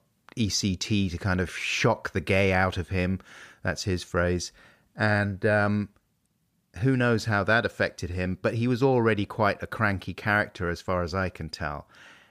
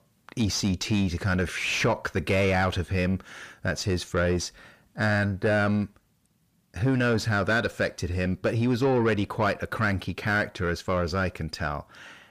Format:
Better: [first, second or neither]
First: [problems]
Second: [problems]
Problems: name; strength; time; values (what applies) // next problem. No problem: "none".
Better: first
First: none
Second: distortion; slight; 10 dB below the speech